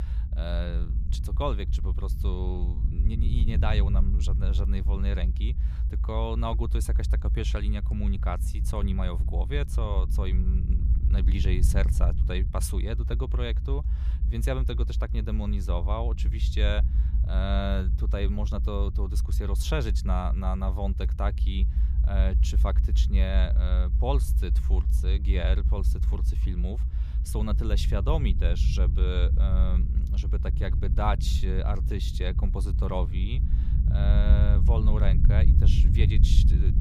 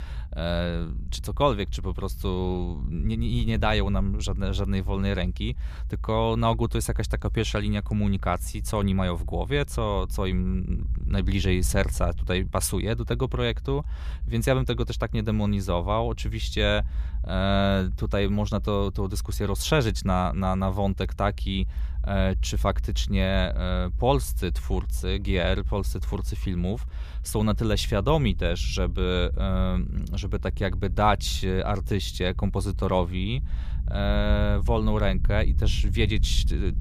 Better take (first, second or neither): second